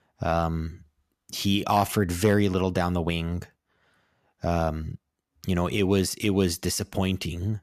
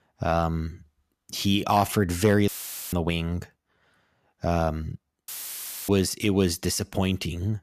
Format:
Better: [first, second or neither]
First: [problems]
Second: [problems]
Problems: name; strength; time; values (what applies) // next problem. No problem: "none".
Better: first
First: none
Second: audio cutting out; filled with static; at 2.5 s and at 5.5 s for 0.5 s